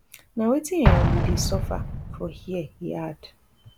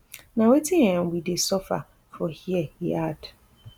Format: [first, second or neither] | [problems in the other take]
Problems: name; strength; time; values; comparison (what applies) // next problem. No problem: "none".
second | background sound (Explosion); 3 dB above the speech